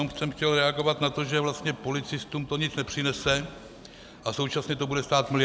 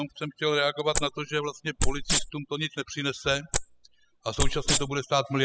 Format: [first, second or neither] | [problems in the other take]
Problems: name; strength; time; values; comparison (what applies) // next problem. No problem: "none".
first | noise reduction (classical method spectral subtraction)